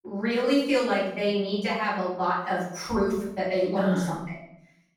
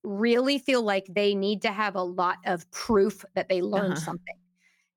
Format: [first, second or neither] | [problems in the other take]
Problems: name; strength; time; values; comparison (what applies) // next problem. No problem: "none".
second | room echo; noticeable; dies away in 0.6 s // off-mic speech; far